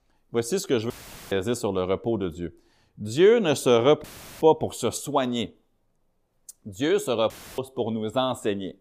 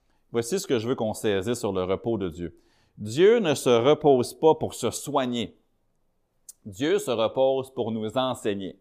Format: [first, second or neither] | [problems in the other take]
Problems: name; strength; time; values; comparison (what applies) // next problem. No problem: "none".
second | audio cutting out; filled with static; at 1 s, at 4 s and at 7.5 s